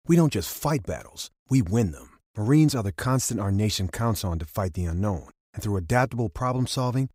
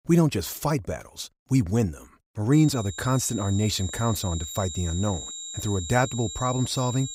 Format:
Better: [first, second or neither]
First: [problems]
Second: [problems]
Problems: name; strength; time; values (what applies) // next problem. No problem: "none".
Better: first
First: none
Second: high-pitched whine; loud; from 2.5 s on; 7.5 kHz, 9 dB below the speech